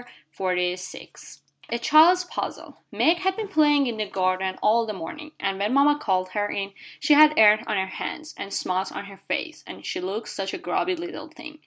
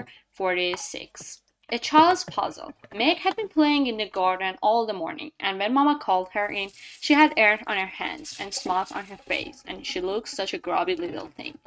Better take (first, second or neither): first